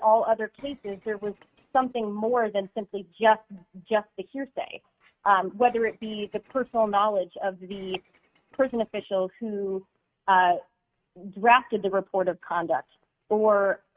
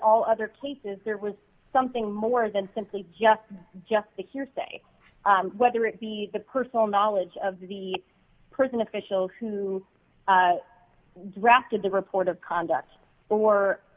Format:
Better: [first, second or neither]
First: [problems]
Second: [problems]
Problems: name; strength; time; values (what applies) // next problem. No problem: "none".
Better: second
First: noise reduction (neural mask model RNNoise)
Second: none